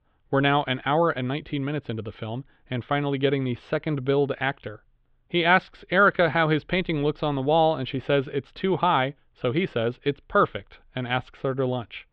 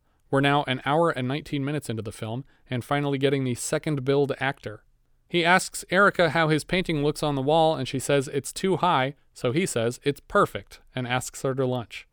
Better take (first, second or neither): second